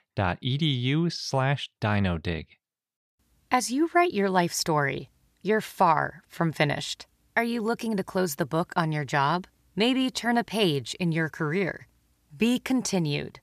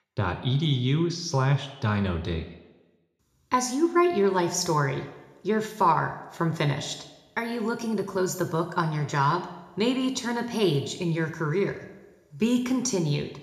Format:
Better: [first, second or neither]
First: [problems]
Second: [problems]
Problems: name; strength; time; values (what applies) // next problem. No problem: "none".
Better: first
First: none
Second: room echo; slight; dies away in 0.7 s